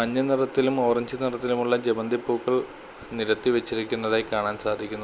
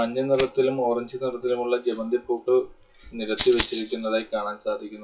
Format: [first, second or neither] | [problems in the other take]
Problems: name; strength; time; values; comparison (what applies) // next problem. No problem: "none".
first | noise reduction (classical method WPE with log-MMSE)